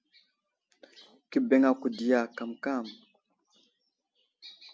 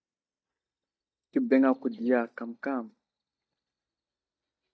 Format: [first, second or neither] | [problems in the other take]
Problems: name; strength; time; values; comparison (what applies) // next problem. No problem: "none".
first | noise reduction (neural mask model DeepFilterNet 3)